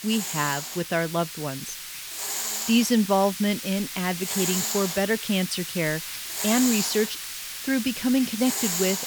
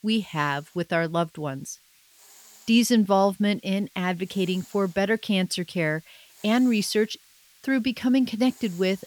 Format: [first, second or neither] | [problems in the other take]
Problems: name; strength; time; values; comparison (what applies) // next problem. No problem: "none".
second | hiss; loud; throughout; 4 dB below the speech; faint in the second